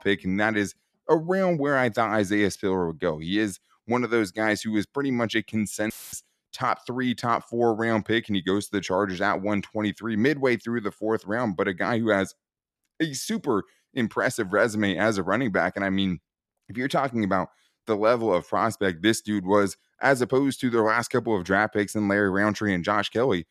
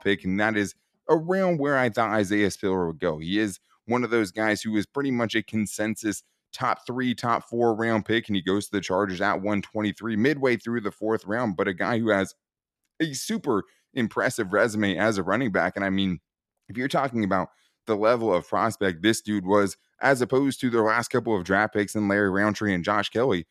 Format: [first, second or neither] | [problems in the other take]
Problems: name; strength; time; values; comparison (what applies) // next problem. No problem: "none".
second | audio cutting out; filled with static; at 6 s